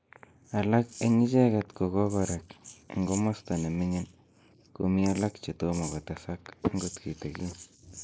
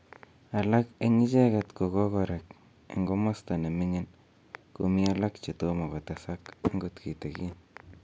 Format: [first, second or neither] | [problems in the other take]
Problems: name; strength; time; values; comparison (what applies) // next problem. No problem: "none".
second | noise reduction (neural mask model Resemble Enhance denoiser)